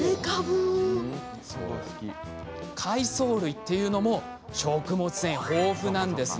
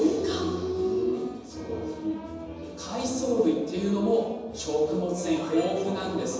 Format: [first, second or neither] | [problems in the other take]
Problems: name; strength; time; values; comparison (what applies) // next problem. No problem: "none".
first | room echo; dies away in 1.1 s